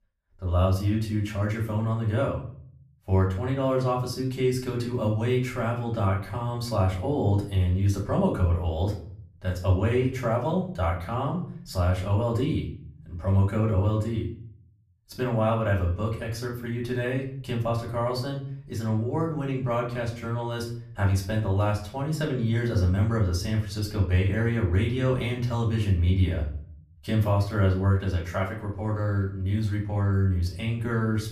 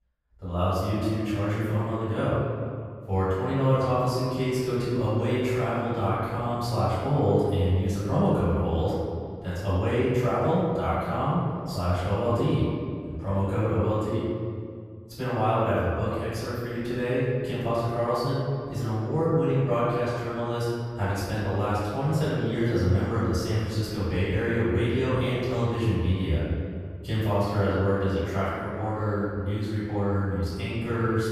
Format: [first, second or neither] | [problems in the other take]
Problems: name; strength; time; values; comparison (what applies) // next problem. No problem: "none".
first | room echo; strong; dies away in 1.9 s; slight in the first // off-mic speech; far; far in the first